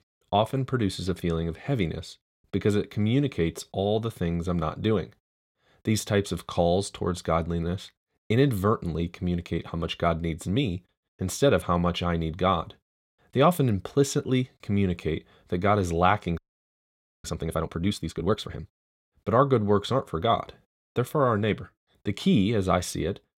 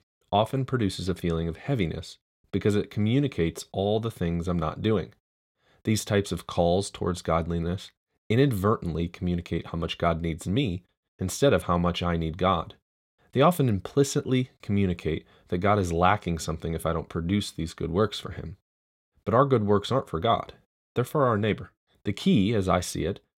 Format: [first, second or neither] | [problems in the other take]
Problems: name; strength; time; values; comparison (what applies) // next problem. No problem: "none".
second | audio freezing; at 16 s for 1 s